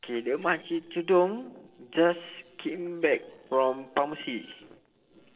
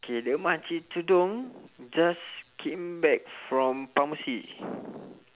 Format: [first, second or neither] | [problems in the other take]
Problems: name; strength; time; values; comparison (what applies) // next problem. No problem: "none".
second | noise reduction (neural separator model SepFormer DNS4)